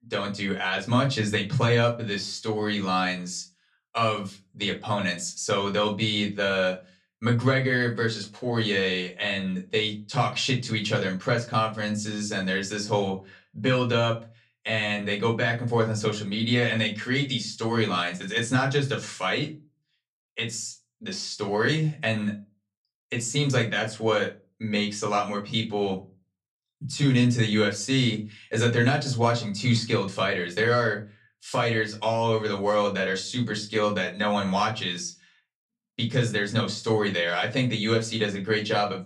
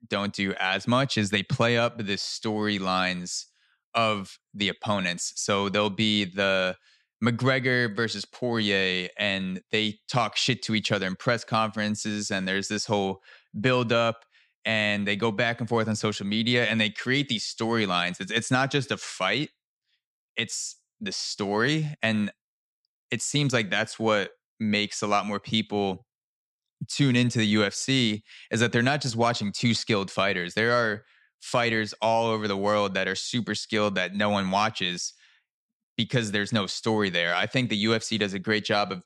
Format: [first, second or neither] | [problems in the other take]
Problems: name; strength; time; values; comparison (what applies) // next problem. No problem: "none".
second | off-mic speech; far // room echo; very slight; dies away in 0.2 s